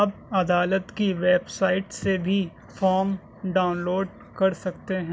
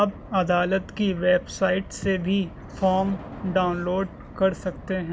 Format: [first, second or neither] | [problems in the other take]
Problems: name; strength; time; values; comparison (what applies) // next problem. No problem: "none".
first | background sound (Subway, metro, underground / Train); 16 dB below the speech